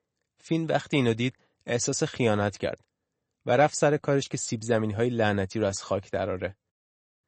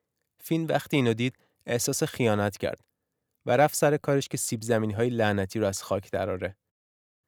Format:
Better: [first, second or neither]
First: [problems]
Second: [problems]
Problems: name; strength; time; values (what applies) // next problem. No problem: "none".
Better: second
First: garbled, watery; slightly; nothing above 8 kHz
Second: none